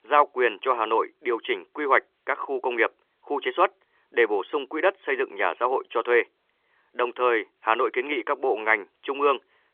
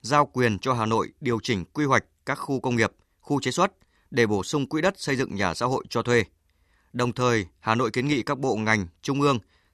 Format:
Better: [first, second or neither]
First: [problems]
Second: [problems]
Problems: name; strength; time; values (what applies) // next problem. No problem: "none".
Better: second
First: phone-call audio; nothing above 3.5 kHz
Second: none